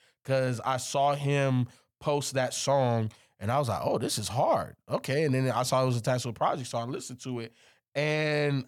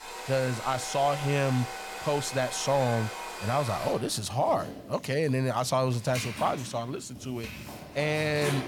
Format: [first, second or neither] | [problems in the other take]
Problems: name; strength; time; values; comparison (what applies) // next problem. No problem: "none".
first | household noises; loud; throughout; 9 dB below the speech